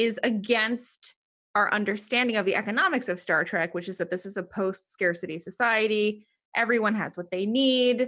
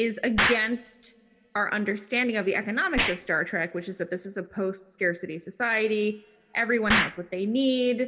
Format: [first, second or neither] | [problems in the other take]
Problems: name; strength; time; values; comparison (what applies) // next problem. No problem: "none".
first | background sound (Explosion); 6 dB below the speech // room echo; dies away in 1.3 s